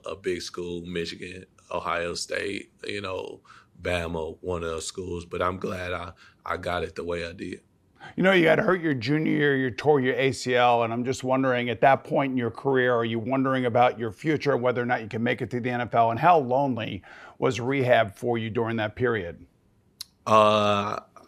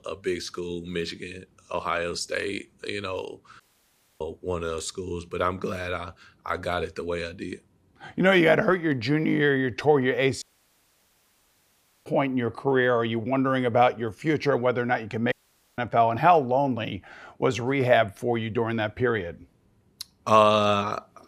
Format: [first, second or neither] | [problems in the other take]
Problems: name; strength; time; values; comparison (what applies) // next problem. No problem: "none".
first | audio cutting out; at 3.5 s for 0.5 s, at 10 s for 1.5 s and at 15 s